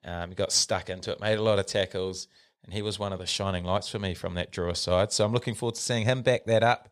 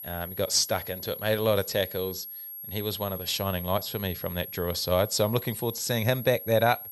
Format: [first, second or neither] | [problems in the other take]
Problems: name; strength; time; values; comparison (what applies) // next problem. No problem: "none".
first | high-pitched whine; loud; throughout; 11.5 kHz, 10 dB below the speech